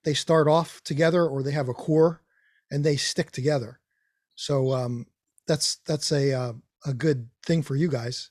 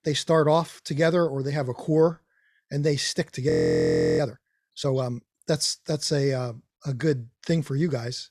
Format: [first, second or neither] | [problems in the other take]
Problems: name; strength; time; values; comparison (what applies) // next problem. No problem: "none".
first | audio freezing; at 3.5 s for 0.5 s